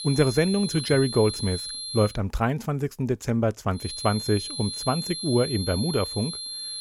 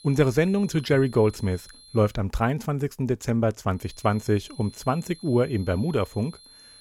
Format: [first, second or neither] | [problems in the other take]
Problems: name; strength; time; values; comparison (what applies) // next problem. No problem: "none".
second | high-pitched whine; loud; until 2 s and from 4 s on; 4 kHz, 6 dB below the speech; faint in the second